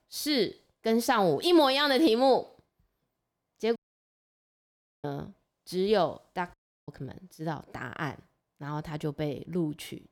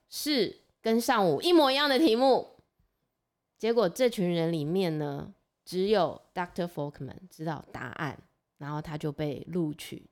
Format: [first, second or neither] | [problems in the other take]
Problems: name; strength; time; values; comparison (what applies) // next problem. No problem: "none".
second | audio cutting out; at 4 s for 1.5 s and at 6.5 s